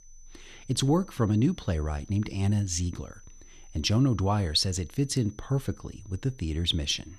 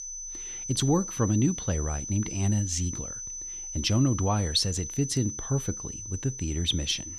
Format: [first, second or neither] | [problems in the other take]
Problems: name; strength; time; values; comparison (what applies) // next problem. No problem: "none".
first | high-pitched whine; loud; throughout; 6 kHz, 7 dB below the speech; faint in the first